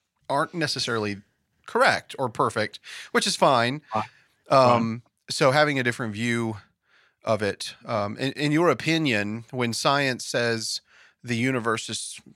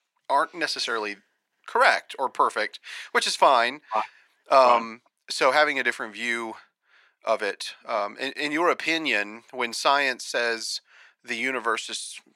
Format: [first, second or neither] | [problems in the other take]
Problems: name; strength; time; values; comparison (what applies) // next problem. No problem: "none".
first | thin; somewhat; fading below 300 Hz